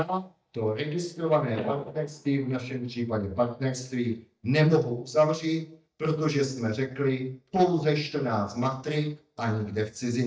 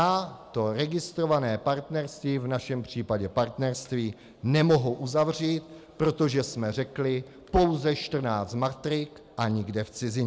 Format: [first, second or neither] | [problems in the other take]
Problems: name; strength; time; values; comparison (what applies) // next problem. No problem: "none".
second | noise reduction (neural mask model DeepFilterNet 3)